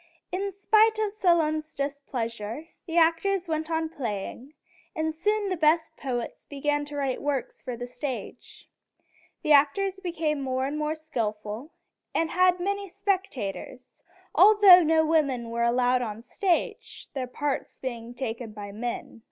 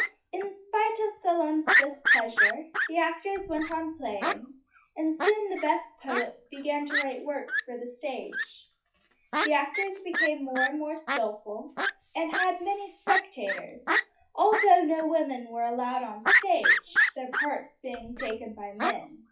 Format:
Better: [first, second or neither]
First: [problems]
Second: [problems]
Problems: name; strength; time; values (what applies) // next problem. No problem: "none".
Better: first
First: none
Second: noise reduction (classical method WPE with log-MMSE)